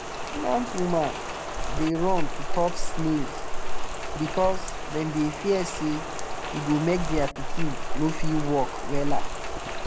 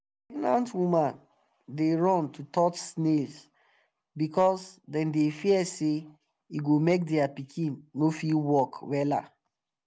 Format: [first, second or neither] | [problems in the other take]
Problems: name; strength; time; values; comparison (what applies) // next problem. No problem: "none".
second | background sound (Rain); 2 dB above the speech